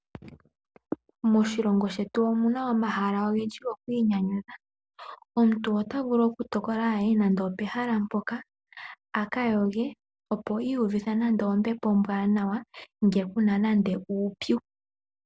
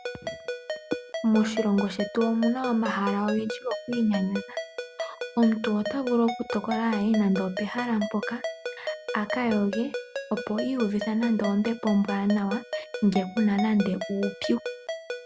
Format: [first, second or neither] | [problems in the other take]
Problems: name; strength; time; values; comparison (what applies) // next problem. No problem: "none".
first | background sound (Ringtone); 8 dB below the speech